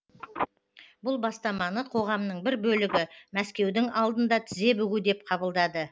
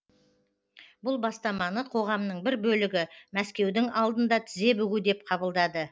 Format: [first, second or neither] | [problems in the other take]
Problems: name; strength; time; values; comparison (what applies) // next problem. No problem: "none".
second | background sound (Telephone); 13 dB below the speech